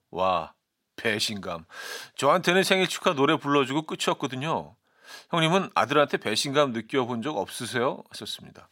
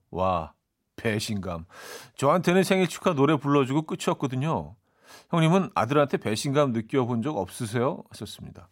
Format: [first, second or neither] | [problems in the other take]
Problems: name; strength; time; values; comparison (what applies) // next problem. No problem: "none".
second | thin; very slightly; fading below 350 Hz